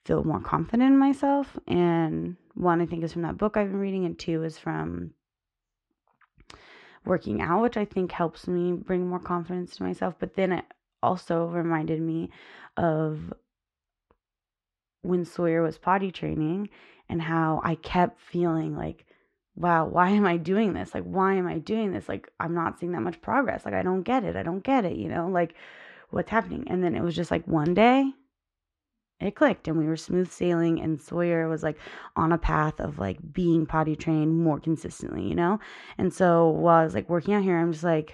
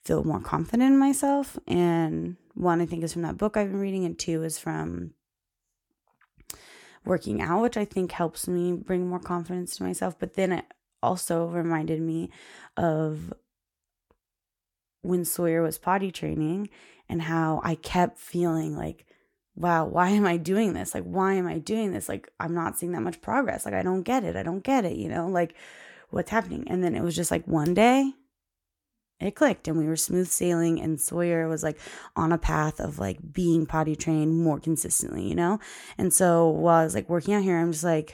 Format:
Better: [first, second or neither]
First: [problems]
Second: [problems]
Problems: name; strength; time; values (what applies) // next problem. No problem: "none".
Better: second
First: muffled; slightly; fading above 4 kHz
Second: none